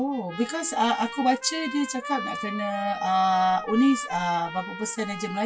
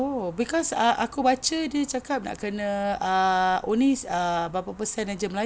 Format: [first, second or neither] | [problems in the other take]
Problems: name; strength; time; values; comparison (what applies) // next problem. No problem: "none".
second | noise reduction (classical method WPE with log-MMSE)